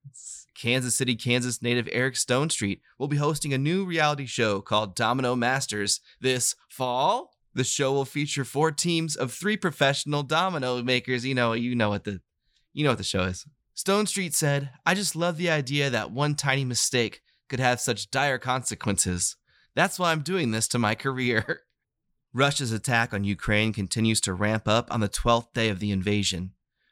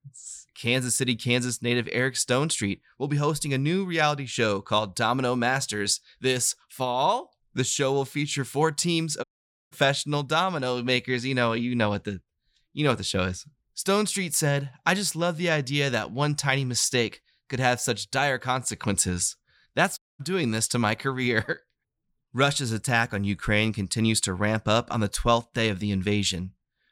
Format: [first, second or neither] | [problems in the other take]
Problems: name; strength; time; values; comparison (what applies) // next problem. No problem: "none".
first | audio cutting out; at 9 s and at 20 s